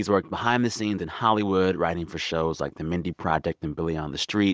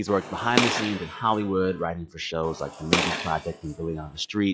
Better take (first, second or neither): first